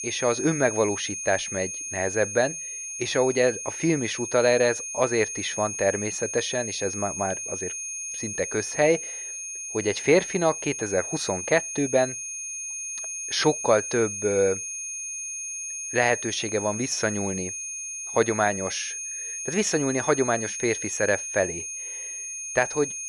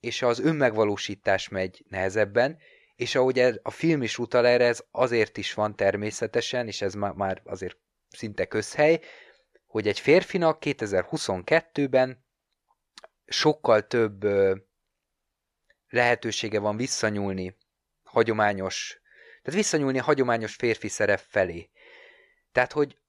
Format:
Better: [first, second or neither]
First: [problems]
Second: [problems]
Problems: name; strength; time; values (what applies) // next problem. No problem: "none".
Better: second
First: high-pitched whine; loud; throughout; 6.5 kHz, 5 dB below the speech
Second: none